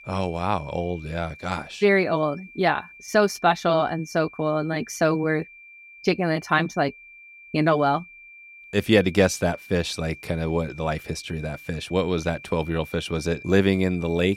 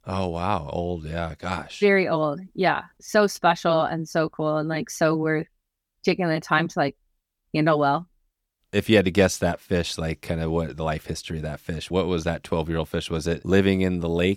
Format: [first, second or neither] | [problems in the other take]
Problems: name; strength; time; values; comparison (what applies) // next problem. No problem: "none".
second | high-pitched whine; noticeable; throughout; 2.5 kHz, 20 dB below the speech